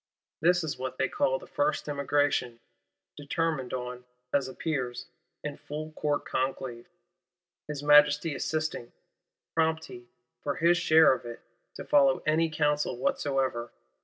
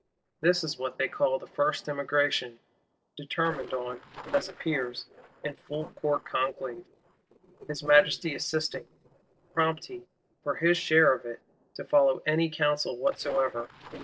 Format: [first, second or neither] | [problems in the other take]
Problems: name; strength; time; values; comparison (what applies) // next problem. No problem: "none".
first | noise reduction (neural separator model SepFormer DNS4)